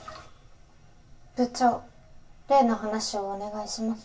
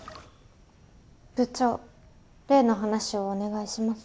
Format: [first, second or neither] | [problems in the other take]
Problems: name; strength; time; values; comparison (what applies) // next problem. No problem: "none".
second | room echo; dies away in 0.2 s